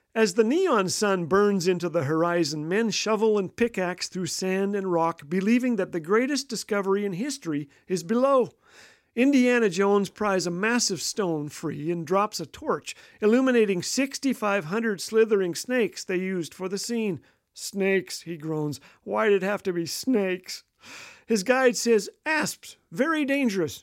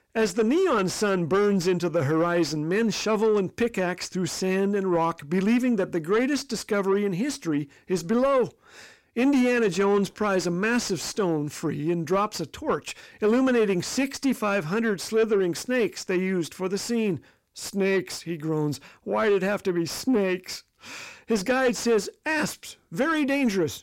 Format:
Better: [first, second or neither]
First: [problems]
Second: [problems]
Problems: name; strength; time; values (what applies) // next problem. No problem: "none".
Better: first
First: none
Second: distortion; slight; 10 dB below the speech